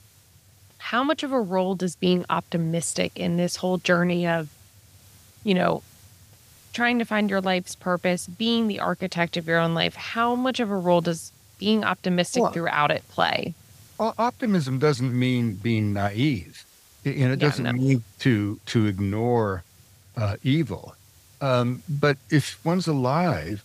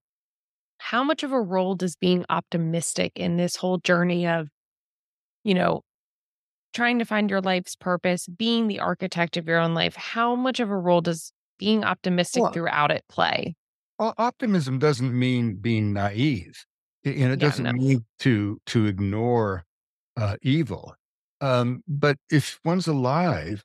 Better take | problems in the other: second | hiss; faint; throughout; 25 dB below the speech

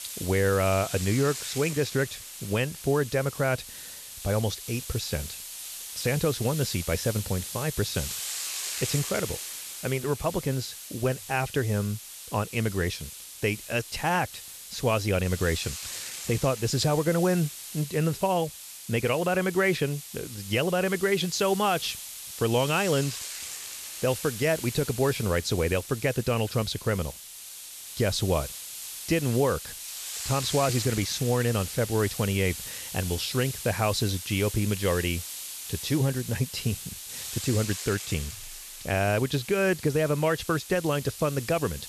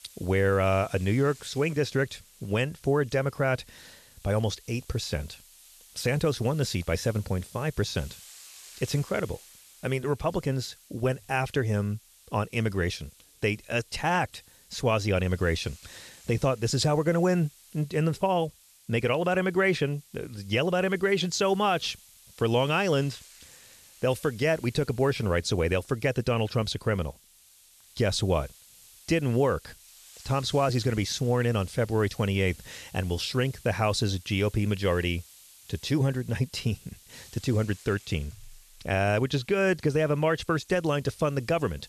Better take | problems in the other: second | hiss; loud; throughout; 9 dB below the speech; faint in the second

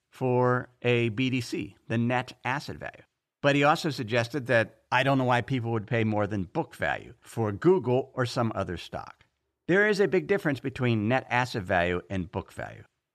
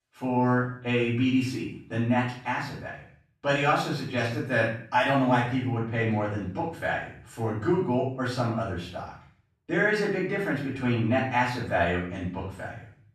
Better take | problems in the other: first | off-mic speech; far // room echo; noticeable; dies away in 0.5 s

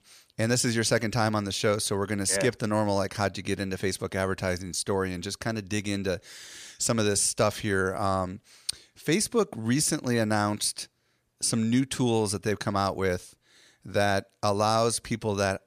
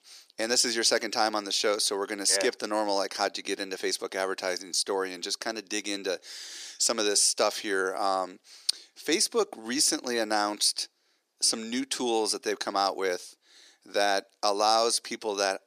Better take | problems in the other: first | thin; somewhat; fading below 300 Hz

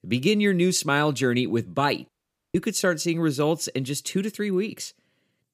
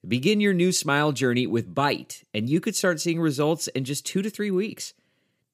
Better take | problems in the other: second | audio cutting out; at 2 s

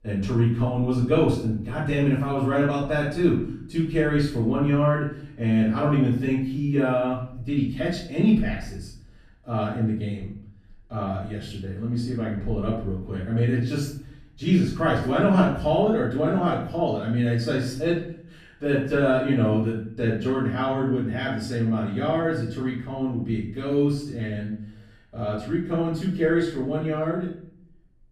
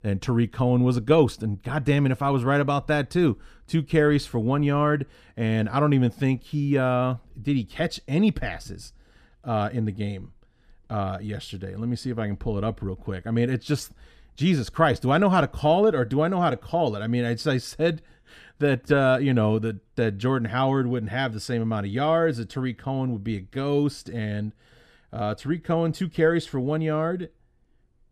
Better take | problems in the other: second | off-mic speech; far // room echo; noticeable; dies away in 0.5 s

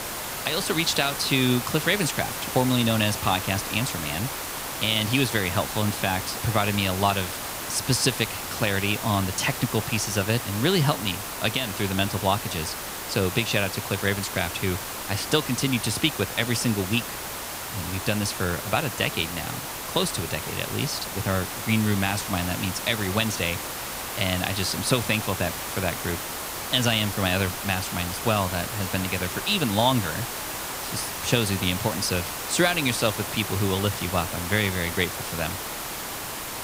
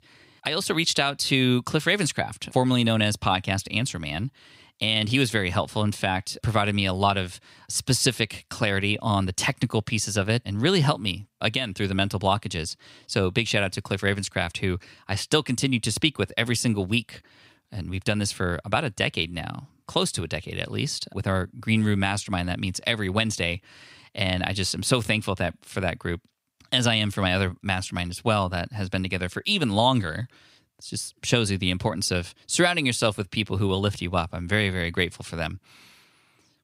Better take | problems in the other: second | hiss; loud; throughout; 5 dB below the speech

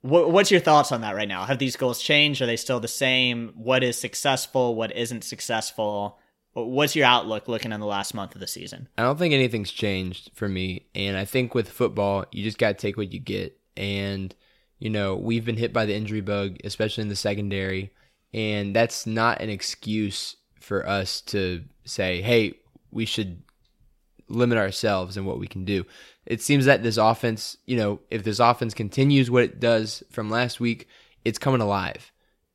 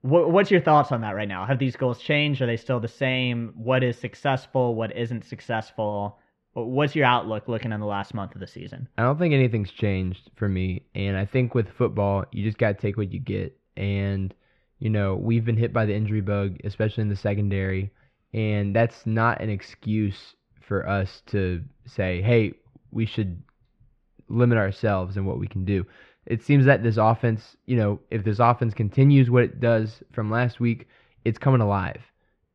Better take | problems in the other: first | muffled; very; fading above 2 kHz

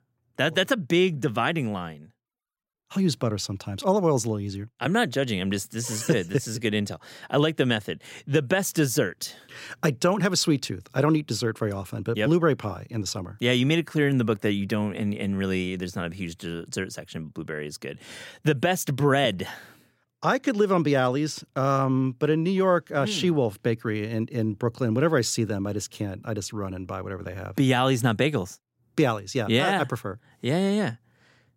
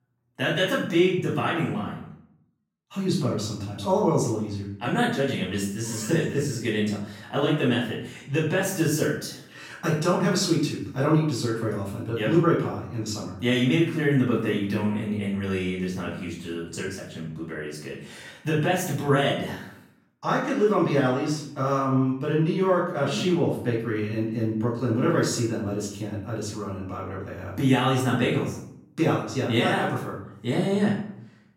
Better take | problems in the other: first | room echo; noticeable; dies away in 0.6 s // off-mic speech; far

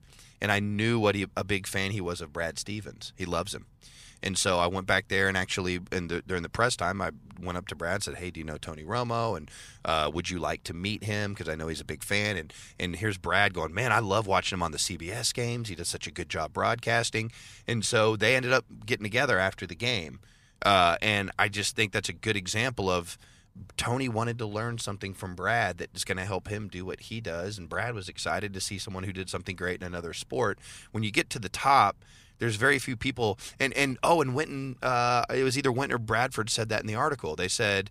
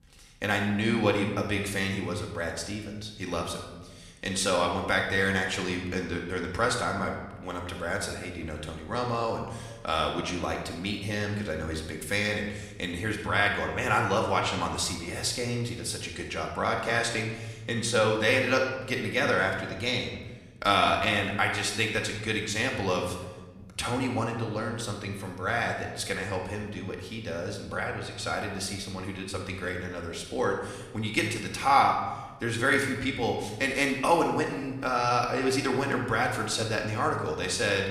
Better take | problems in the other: first | room echo; noticeable; dies away in 0.9 s // off-mic speech; somewhat distant

